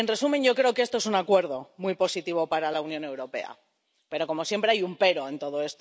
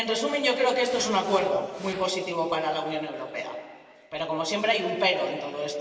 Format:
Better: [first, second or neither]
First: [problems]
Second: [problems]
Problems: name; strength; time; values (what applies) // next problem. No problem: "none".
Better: first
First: none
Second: background sound (Fire); 16 dB below the speech // room echo; dies away in 2.5 s